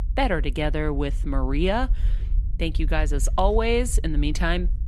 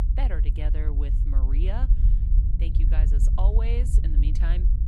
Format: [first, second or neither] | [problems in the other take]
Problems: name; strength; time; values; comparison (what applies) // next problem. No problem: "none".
first | low rumble; loud; throughout; 4 dB below the speech; faint in the first